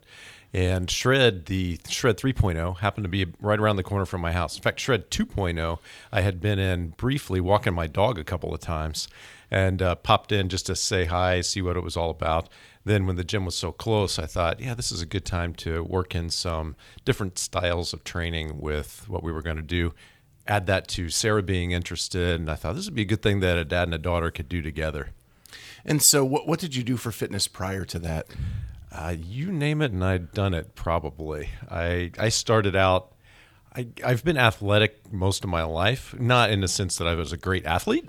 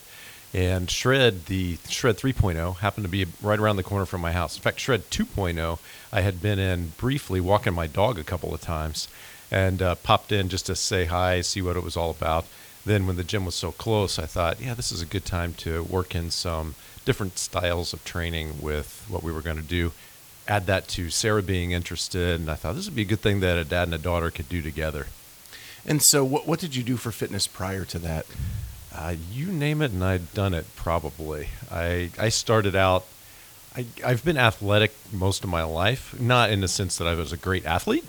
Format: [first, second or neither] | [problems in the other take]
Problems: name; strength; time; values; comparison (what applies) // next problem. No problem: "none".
first | hiss; noticeable; throughout; 20 dB below the speech